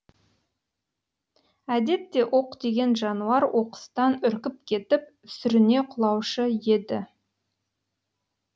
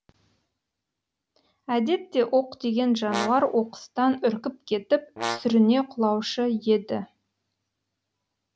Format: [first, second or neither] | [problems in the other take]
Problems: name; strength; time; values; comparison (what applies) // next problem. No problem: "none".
first | background sound (Brass instrument); 10 dB below the speech